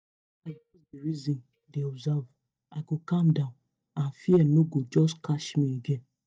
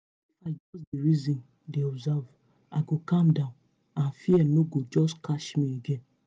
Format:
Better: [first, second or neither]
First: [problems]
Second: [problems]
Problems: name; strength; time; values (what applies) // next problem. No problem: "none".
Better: second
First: noise reduction (neural mask model DeepFilterNet 3)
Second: none